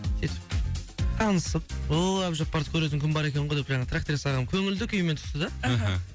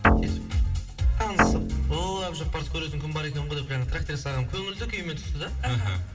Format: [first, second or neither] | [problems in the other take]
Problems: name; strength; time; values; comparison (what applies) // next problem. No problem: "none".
first | background sound (Guitar); 1 dB above the speech // room echo; dies away in 1.8 s